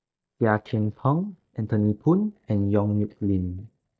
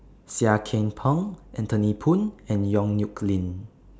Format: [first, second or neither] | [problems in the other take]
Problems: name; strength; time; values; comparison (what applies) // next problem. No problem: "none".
second | noise reduction (neural mask model DeepFilterNet 3)